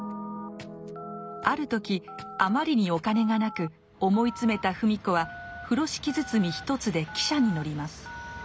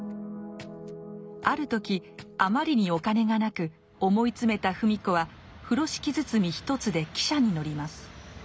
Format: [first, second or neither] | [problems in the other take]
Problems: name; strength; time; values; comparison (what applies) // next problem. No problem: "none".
second | background sound (Telephone); 16 dB below the speech